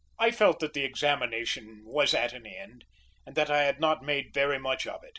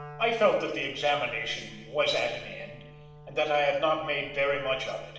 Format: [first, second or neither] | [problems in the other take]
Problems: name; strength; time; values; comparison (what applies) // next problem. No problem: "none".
first | background sound (Wind instrument, woodwind instrument); 20 dB below the speech // room echo; dies away in 1 s